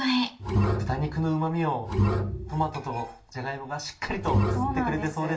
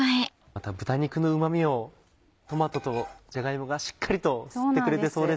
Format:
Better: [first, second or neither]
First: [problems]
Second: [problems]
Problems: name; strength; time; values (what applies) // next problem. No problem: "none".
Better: second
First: background sound (Bowed string instrument); 2 dB above the speech // room echo; dies away in 0.3 s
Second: none